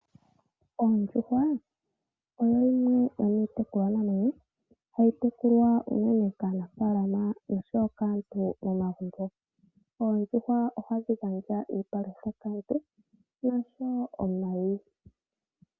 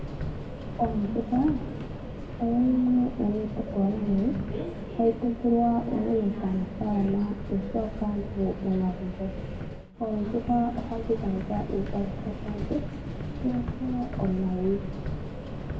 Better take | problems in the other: first | background sound (Subway, metro, underground); 7 dB below the speech // room echo; dies away in 1.6 s

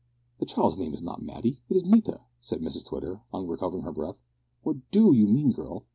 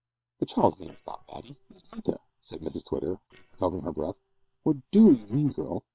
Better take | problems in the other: first | noise reduction (neural separator model SepFormer WHAM!)

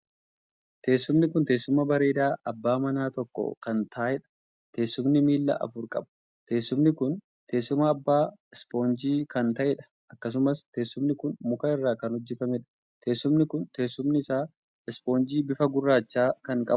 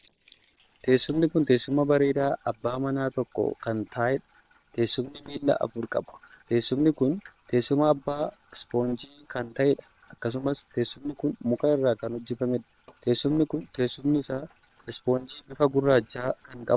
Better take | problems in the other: first | noise reduction (neural separator model SepFormer WHAM!)

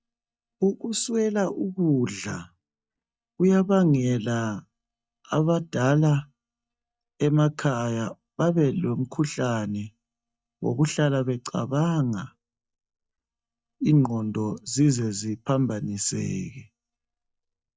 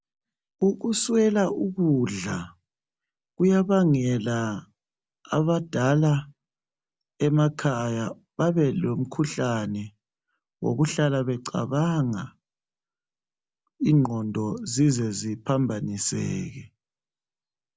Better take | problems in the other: second | noise reduction (neural mask model DeepFilterNet 3)

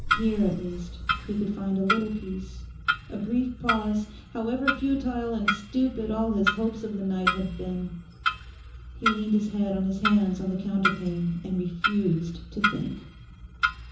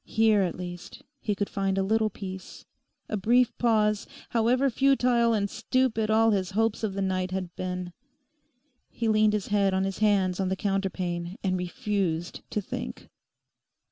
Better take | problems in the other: second | background sound (Clock); 3 dB below the speech // room echo; dies away in 0.7 s

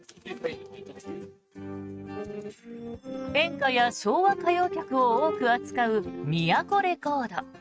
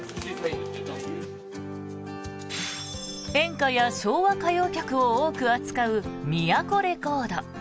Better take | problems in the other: second | noise reduction (neural mask model RNNoise)

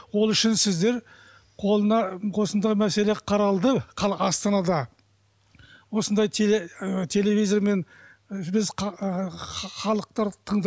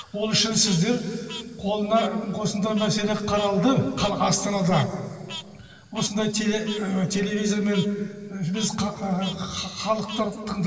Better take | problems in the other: first | background sound (Frog); 17 dB below the speech // room echo; dies away in 2.4 s

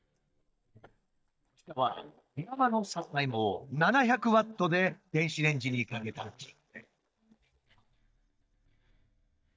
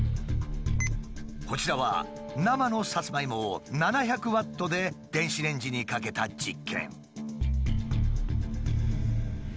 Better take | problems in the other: second | noise reduction (neural mask model DeepFilterNet 3)

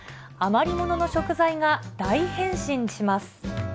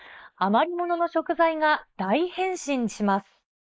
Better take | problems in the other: first | noise reduction (neural mask model Resemble Enhance denoiser)

